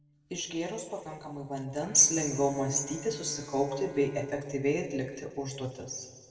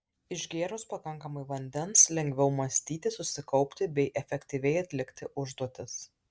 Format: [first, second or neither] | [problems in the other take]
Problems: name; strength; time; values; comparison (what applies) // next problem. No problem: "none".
second | background sound (Bowed string instrument); 18 dB below the speech // room echo; dies away in 1.5 s